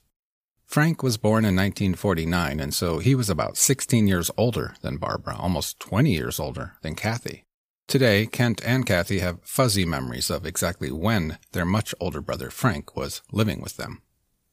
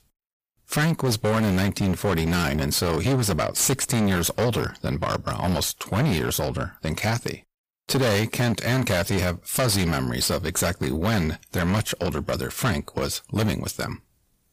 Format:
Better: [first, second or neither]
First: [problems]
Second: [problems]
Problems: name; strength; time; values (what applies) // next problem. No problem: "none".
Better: first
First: none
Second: distortion; heavy; 20% of the sound clipped